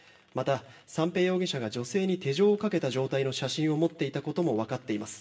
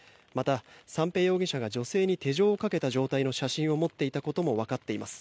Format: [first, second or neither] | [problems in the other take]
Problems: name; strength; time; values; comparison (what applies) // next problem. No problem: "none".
second | room echo; dies away in 0.6 s